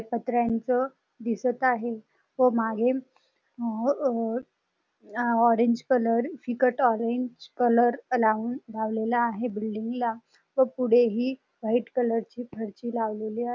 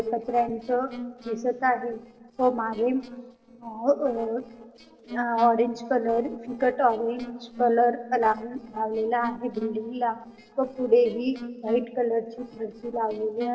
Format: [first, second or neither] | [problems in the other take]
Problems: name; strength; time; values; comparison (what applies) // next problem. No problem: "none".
first | noise reduction (neural separator model SepFormer DNS4)